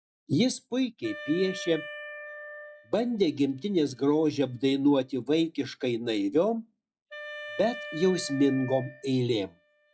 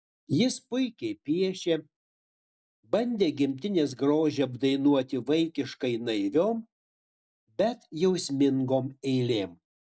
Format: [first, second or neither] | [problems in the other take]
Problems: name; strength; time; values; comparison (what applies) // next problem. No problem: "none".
second | noise reduction (classical method log-MMSE)